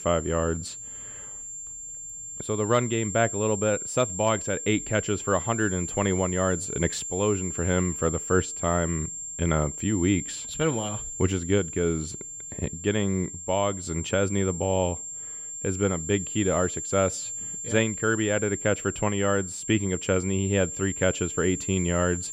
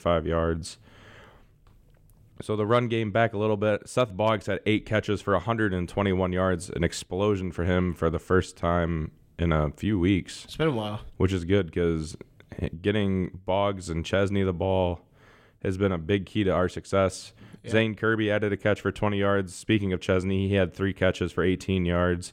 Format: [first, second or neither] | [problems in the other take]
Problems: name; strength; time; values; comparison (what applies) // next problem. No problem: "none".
second | high-pitched whine; loud; throughout; 7.5 kHz, 6 dB below the speech